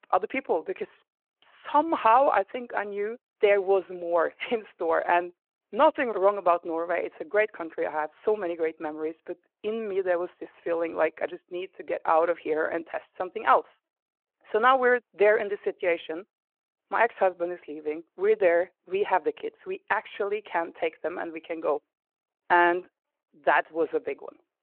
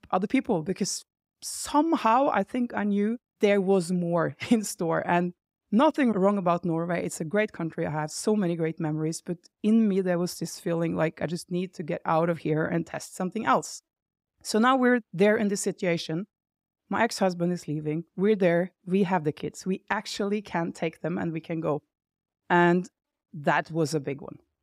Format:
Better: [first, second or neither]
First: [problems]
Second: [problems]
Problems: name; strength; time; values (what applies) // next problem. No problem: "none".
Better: second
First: phone-call audio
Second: none